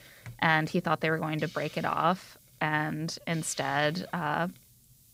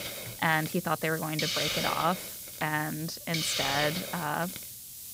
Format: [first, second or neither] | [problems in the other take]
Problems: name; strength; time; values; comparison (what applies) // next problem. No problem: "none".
first | hiss; loud; throughout; 2 dB below the speech; faint in the first